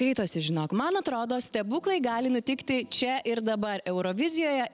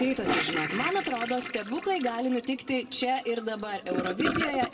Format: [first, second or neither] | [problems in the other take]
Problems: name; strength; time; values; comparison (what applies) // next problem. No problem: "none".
first | background sound (Toilet flush / Gurgling); 4 dB below the speech // room echo; dies away in 1.2 s